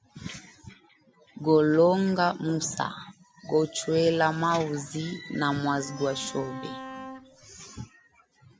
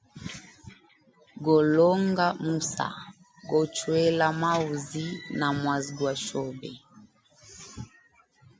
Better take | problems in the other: second | background sound (Bowed string instrument); 14 dB below the speech

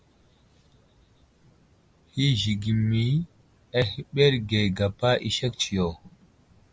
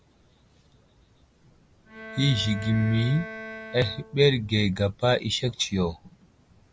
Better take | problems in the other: first | background sound (Bowed string instrument); 14 dB below the speech

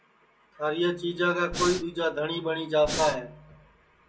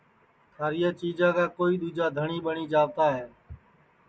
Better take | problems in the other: second | background sound (Breathing); 4 dB below the speech // room echo; dies away in 0.2 s

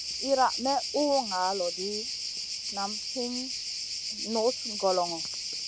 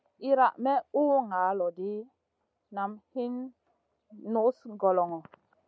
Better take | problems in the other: second | background sound (Cricket); 4 dB below the speech

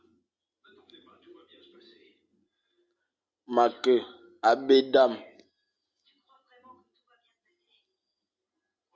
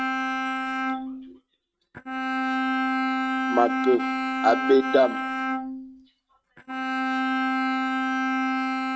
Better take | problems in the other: first | noise reduction (neural mask model RNNoise)

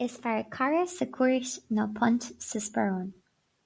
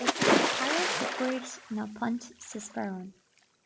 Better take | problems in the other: first | background sound (Splash, splatter); 4 dB above the speech

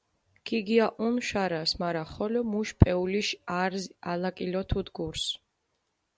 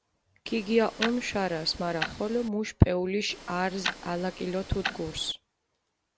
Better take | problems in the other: first | background sound (Tick-tock); 9 dB below the speech

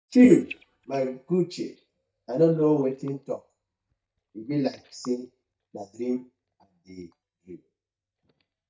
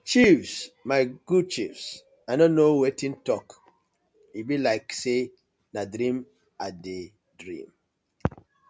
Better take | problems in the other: second | noise reduction (neural mask model DeepFilterNet 3)

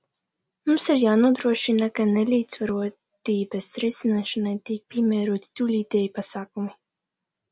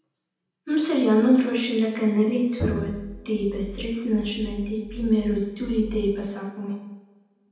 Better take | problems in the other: first | background sound (Bowed string instrument); 11 dB below the speech // room echo; dies away in 0.9 s

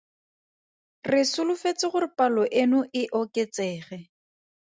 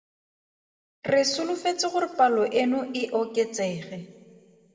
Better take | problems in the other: first | room echo; dies away in 1.6 s

